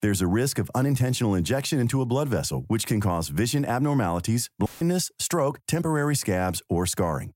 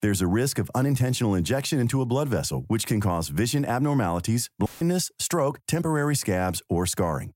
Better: neither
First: audio cutting out; filled with static; at 4.5 s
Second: audio cutting out; filled with static; at 4.5 s

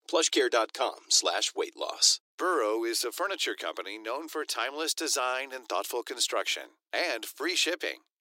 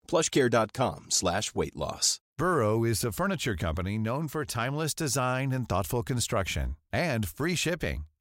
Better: second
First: thin; very; fading below 300 Hz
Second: none

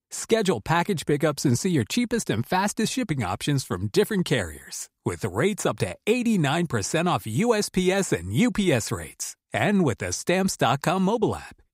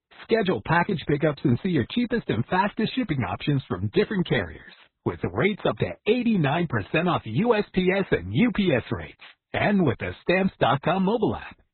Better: first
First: none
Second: garbled, watery; badly; nothing above 4 kHz

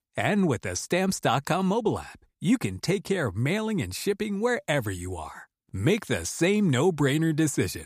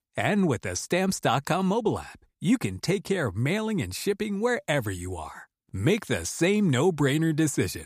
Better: neither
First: none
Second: none

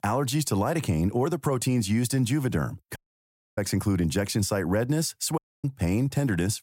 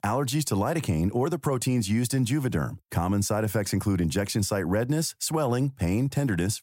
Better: second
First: audio cutting out; at 3 s for 0.5 s and at 5.5 s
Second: none

